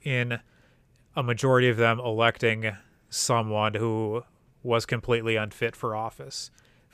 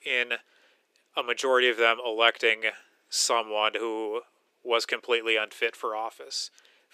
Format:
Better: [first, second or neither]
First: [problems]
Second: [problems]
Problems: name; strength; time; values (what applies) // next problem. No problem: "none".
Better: first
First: none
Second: thin; very; fading below 350 Hz